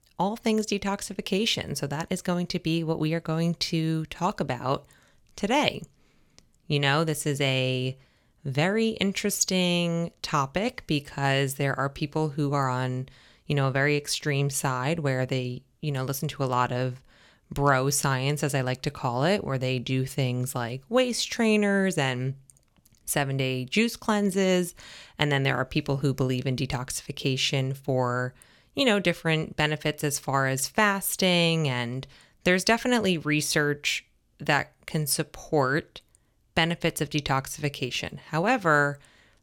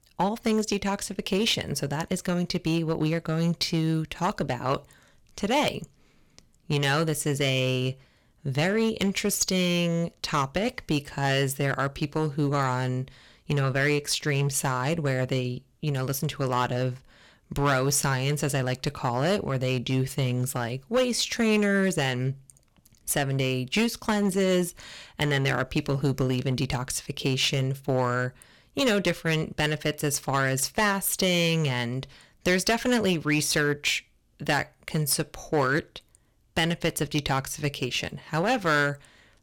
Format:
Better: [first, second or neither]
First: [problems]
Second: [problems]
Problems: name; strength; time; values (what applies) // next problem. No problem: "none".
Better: first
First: none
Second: distortion; slight; 5% of the sound clipped